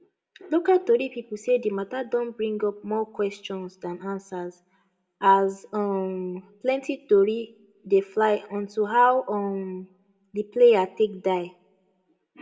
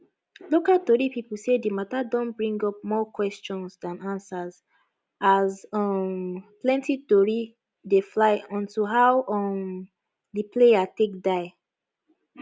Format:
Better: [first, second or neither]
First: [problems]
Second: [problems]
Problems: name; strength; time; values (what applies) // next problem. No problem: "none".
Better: second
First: room echo; dies away in 0.4 s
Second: none